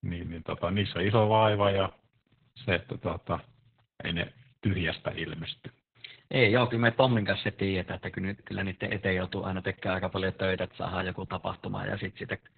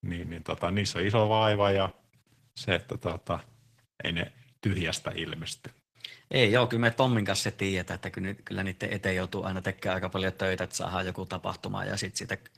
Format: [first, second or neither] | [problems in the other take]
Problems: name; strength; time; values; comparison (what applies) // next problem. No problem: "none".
second | garbled, watery; badly; nothing above 4 kHz; slightly in the second